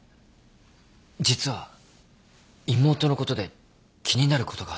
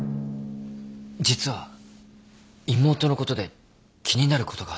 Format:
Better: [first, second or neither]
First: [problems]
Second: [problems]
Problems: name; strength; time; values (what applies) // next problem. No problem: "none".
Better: first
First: none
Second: background sound (Drum); 12 dB below the speech